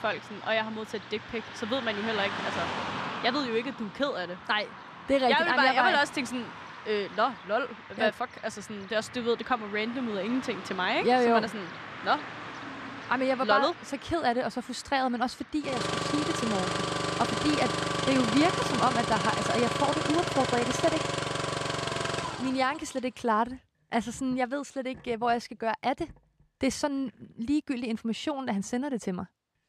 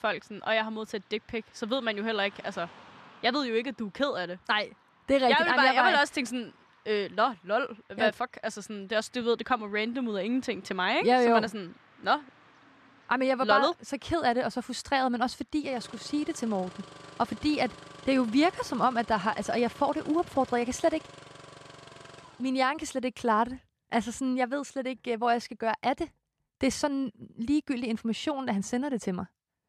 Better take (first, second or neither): second